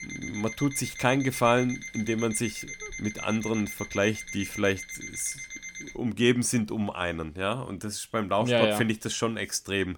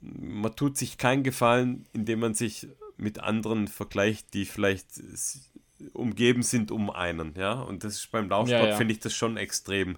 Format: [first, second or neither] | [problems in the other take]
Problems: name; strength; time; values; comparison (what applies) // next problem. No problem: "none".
second | alarm; noticeable; until 6 s; peak 9 dB below the speech